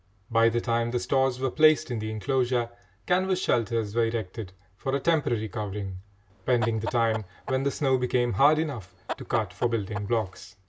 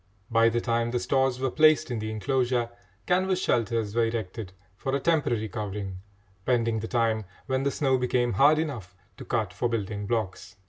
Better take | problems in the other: second | background sound (Chicken, rooster); 12 dB below the speech

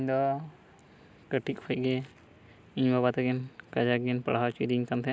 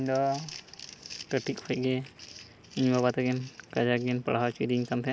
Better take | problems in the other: first | background sound (Crumpling, crinkling); 18 dB below the speech

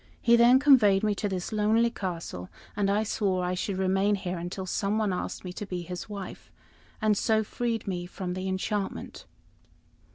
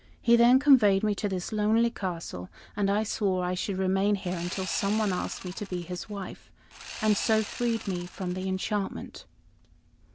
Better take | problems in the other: first | background sound (Sawing); 14 dB below the speech

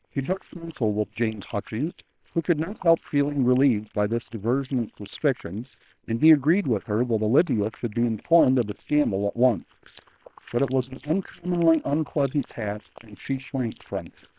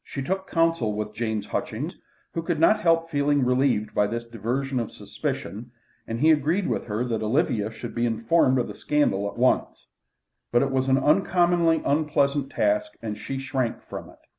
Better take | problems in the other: second | noise reduction (neural separator model SepFormer WHAM!)

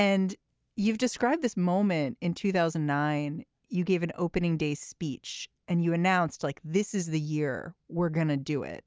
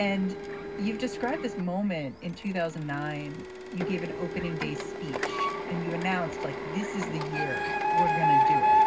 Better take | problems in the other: first | background sound (Printer); 3 dB above the speech // room echo; dies away in 0.4 s

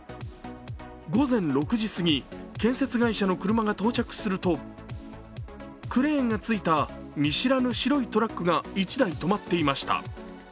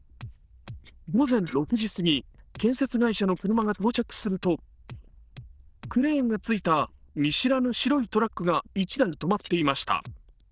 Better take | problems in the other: first | noise reduction (neural diffusion model UNIVERSE++)

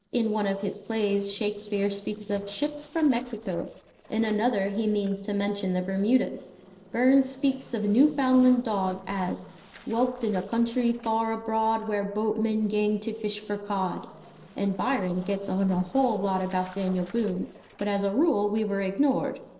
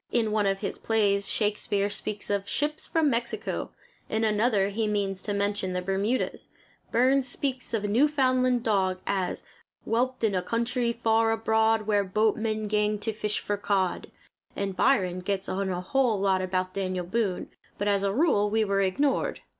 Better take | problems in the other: second | noise reduction (neural separator model SepFormer DNS4)

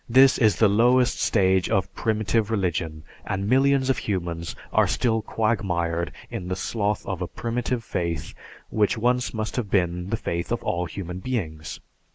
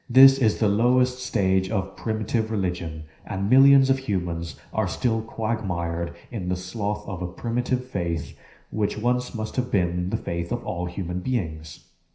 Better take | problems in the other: first | room echo; dies away in 0.5 s

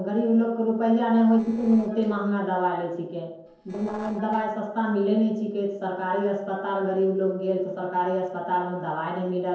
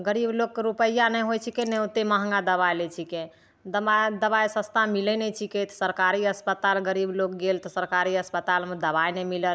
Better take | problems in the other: second | noise reduction (neural separator model SepFormer DNS4)

